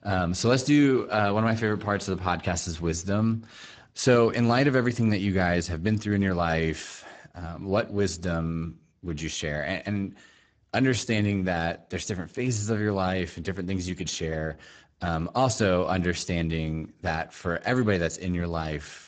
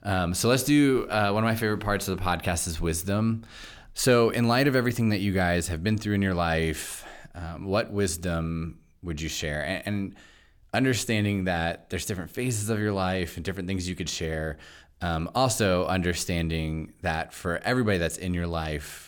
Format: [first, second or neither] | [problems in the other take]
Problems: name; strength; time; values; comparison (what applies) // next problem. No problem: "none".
second | garbled, watery; badly; nothing above 7.5 kHz